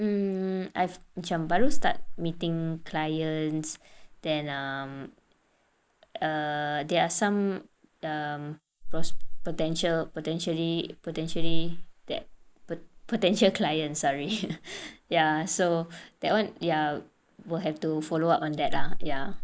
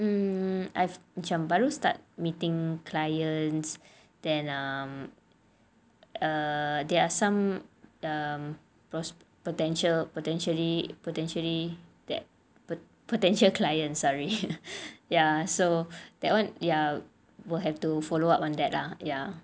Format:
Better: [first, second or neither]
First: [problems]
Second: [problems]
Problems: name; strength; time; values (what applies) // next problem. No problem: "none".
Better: second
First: noise reduction (neural mask model Resemble Enhance denoiser)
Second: none